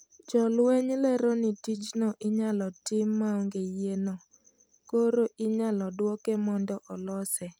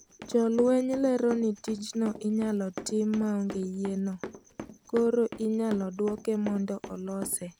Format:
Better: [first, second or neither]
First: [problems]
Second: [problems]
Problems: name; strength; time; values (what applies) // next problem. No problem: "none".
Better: first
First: none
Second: background sound (Run); 15 dB below the speech